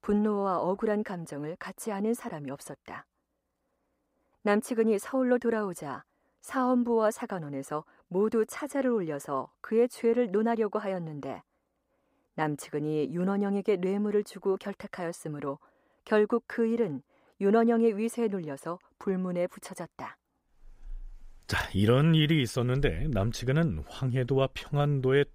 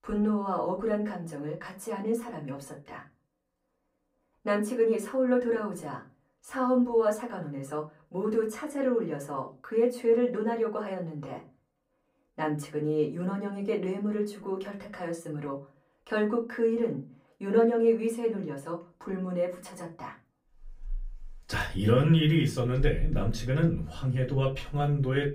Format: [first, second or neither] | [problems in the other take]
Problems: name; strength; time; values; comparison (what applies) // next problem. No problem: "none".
first | off-mic speech; far // room echo; very slight; dies away in 0.3 s